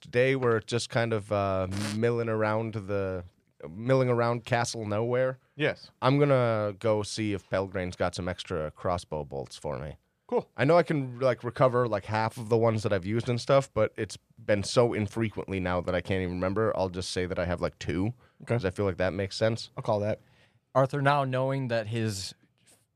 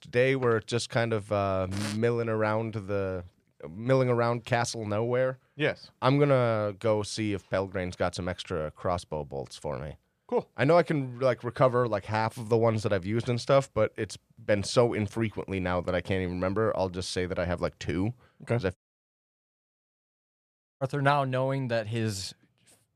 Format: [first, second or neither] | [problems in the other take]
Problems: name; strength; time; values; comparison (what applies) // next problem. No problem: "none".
first | audio cutting out; at 19 s for 2 s